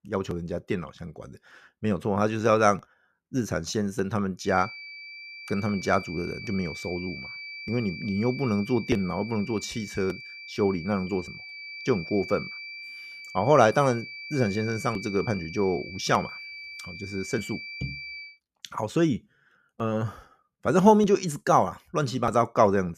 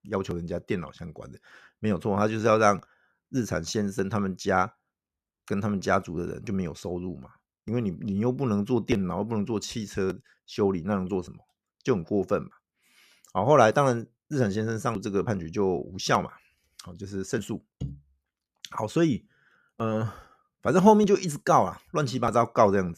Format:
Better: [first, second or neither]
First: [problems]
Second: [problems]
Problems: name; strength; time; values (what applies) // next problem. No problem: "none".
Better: second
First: high-pitched whine; noticeable; from 4.5 to 18 s; 2.5 kHz, 10 dB below the speech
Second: none